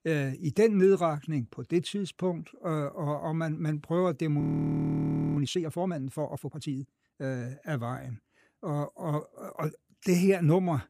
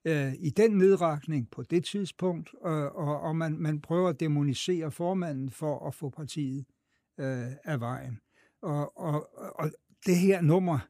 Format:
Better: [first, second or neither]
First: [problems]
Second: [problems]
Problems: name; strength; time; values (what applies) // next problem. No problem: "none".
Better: second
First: audio freezing; at 4.5 s for 1 s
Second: none